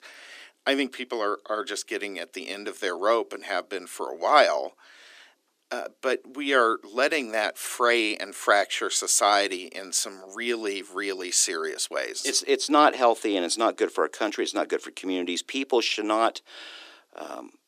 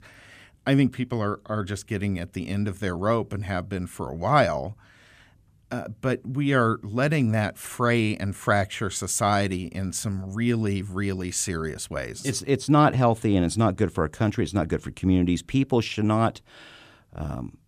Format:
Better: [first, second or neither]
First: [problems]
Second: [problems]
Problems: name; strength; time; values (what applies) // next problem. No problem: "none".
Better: second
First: thin; very; fading below 300 Hz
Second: none